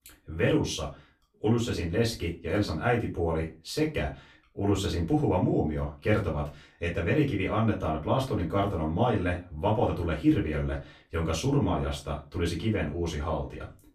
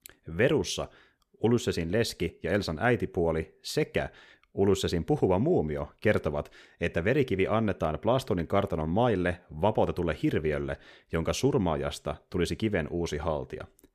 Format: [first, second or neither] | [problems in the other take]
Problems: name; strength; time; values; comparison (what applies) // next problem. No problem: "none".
second | off-mic speech; far // room echo; very slight; dies away in 0.2 s